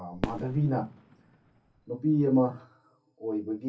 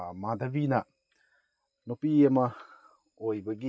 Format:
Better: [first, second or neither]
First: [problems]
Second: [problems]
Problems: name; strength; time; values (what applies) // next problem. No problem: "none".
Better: second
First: background sound (Fireworks); 11 dB below the speech // room echo; dies away in 0.3 s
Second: none